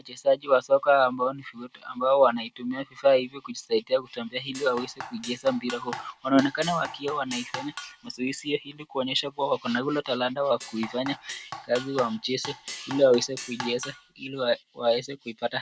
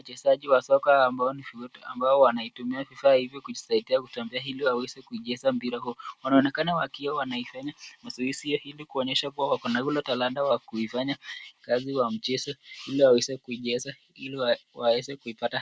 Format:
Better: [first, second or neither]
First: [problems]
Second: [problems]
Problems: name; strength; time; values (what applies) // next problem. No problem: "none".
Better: second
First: background sound (Drum kit); 13 dB below the speech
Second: none